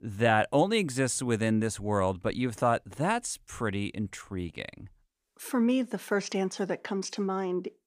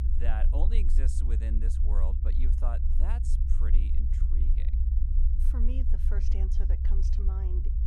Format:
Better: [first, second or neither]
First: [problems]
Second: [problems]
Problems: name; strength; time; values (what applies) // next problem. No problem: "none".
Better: first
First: none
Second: low rumble; loud; throughout; 3 dB below the speech